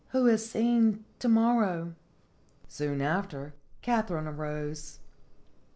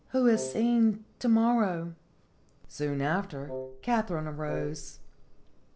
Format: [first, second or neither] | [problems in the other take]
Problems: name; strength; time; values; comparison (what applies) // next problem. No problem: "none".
first | background sound (Wind instrument, woodwind instrument); 11 dB below the speech